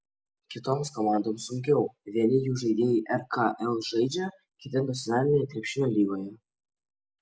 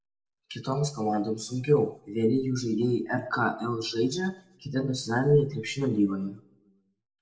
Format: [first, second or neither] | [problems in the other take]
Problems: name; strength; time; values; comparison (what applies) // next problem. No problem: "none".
first | room echo; dies away in 0.5 s